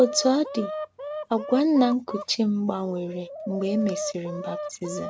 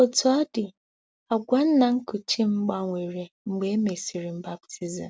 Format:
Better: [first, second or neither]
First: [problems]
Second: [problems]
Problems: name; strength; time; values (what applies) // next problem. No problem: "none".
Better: second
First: background sound (Chicken, rooster); 10 dB below the speech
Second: none